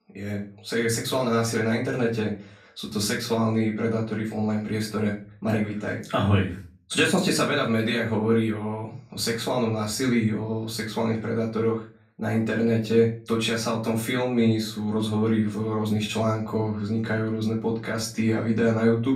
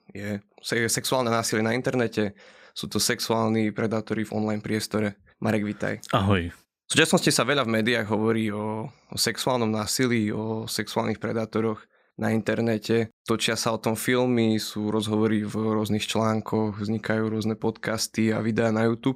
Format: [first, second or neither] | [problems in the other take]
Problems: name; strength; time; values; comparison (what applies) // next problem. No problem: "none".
second | off-mic speech; far // room echo; slight; dies away in 0.4 s